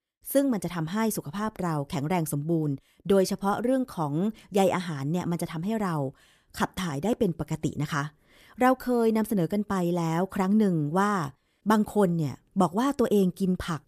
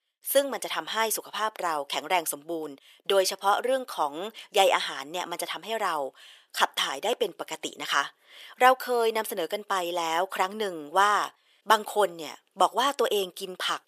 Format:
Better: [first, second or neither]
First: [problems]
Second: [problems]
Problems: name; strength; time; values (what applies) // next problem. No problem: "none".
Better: first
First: none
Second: thin; very; fading below 550 Hz